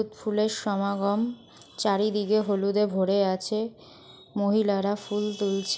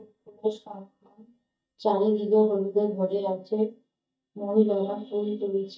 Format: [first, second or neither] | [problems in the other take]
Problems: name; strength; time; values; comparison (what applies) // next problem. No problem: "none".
first | noise reduction (neural mask model DeepFilterNet 3)